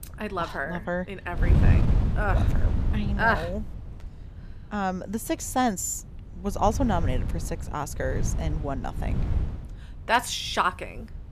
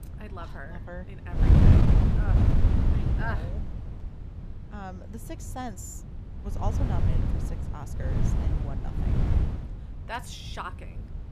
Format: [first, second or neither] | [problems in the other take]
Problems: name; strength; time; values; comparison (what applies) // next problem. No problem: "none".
first | wind noise on the microphone; heavy; 3 dB above the speech; occasional gusts in the first